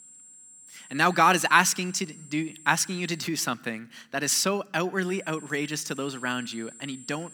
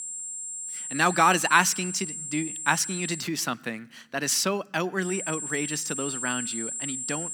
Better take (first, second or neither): first